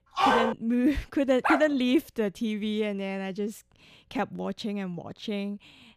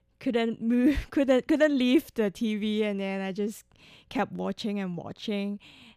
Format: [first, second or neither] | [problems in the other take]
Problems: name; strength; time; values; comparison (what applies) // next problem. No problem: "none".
second | dog barking; loud; at the start and at 1.5 s; peak 5 dB above the speech